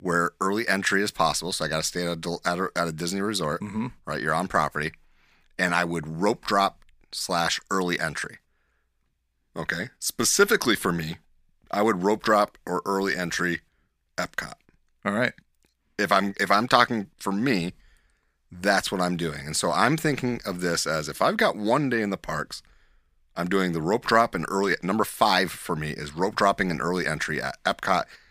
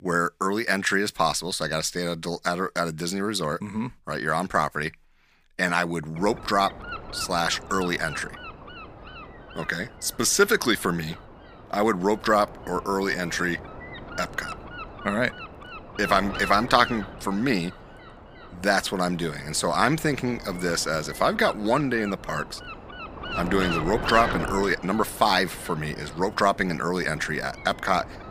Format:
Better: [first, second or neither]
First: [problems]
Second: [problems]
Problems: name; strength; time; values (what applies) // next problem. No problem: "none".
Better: first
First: none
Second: wind noise on the microphone; occasional gusts; from 6 s on; 10 dB below the speech